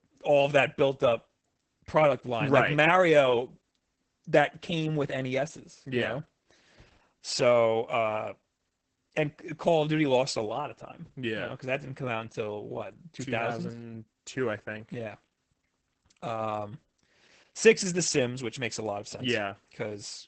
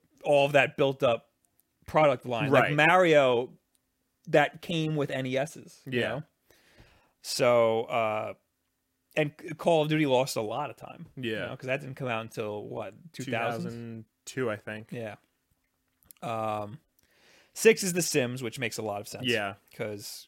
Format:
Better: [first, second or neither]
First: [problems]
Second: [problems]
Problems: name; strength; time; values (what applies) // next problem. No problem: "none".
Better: second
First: garbled, watery; badly; nothing above 8 kHz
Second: none